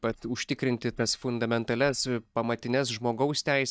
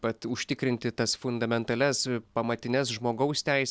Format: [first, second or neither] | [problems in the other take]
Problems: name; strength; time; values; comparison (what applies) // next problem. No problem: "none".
second | noise reduction (neural mask model DeepFilterNet 3)